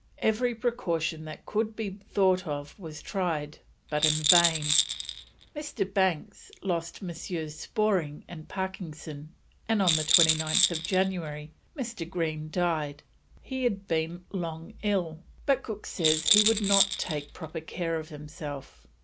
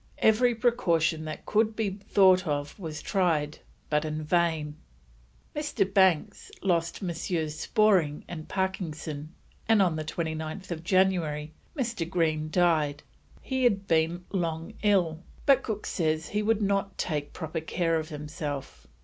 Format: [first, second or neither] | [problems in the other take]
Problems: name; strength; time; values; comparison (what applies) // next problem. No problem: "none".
second | background sound (Rattle); 2 dB above the speech